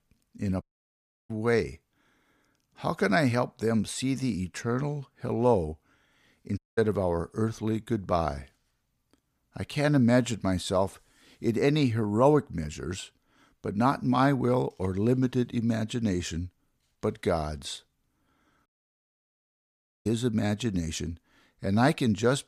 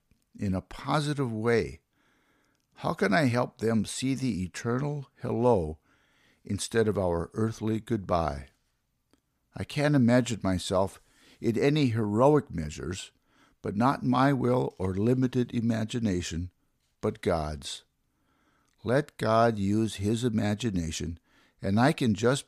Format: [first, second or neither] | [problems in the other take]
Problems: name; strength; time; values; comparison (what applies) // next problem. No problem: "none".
second | audio cutting out; at 0.5 s for 0.5 s, at 6.5 s and at 19 s for 1.5 s